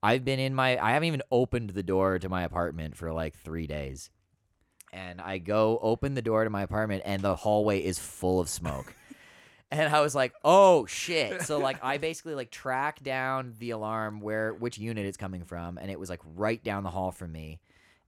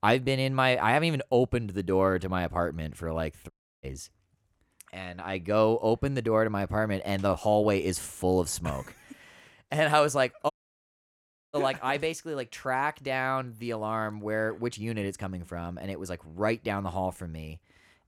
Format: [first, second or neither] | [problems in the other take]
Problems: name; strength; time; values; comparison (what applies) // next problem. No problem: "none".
first | audio cutting out; at 3.5 s and at 11 s for 1 s